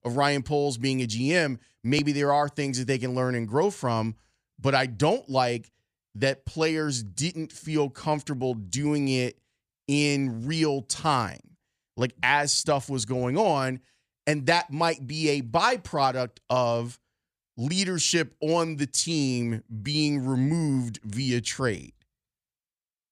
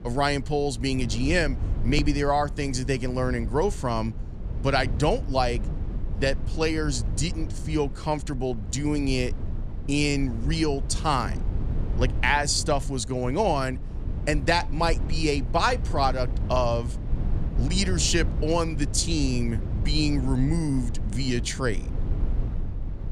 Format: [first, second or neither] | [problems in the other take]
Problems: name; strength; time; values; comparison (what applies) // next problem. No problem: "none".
first | low rumble; noticeable; throughout; 15 dB below the speech